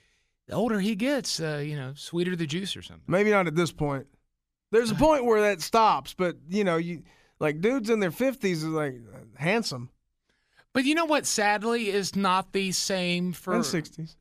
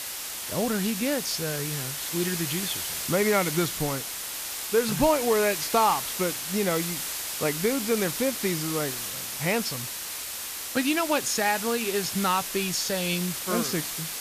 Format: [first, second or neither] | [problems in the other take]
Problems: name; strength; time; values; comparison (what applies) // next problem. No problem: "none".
first | hiss; loud; throughout; 3 dB below the speech